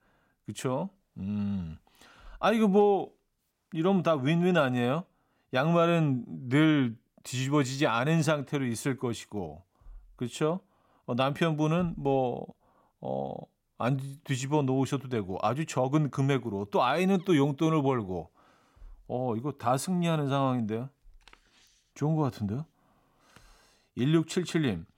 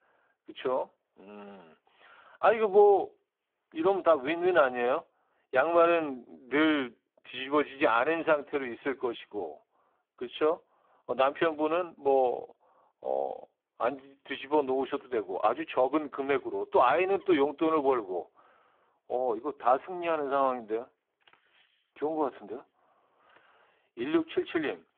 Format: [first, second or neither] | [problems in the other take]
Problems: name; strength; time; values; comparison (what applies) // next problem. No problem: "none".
first | phone-call audio; poor line